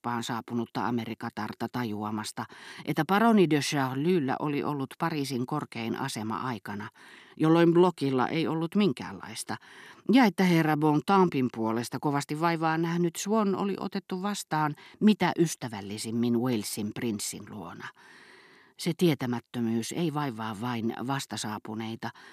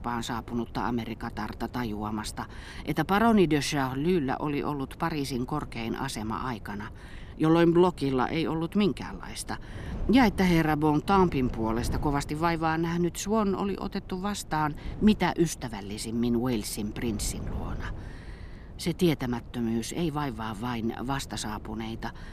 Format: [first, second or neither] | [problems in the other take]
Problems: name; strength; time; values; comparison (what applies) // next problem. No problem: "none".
first | wind noise on the microphone; occasional gusts; 20 dB below the speech